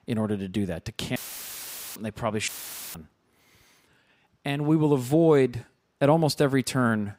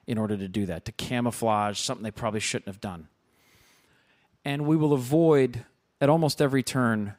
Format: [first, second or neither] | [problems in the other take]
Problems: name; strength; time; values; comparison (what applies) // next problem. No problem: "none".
second | audio cutting out; filled with static; at 1 s for 1 s and at 2.5 s